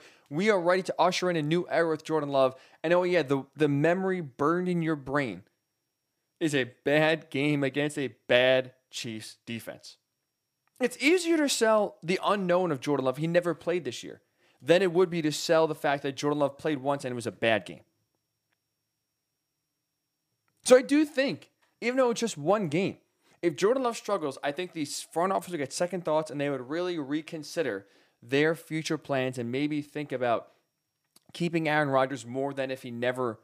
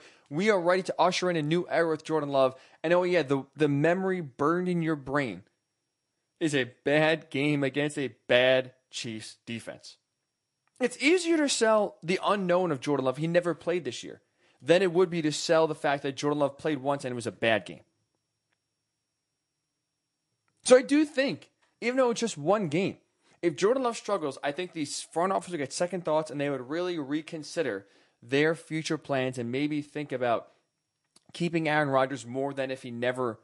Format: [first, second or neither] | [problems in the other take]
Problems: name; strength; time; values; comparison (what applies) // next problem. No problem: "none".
first | garbled, watery; slightly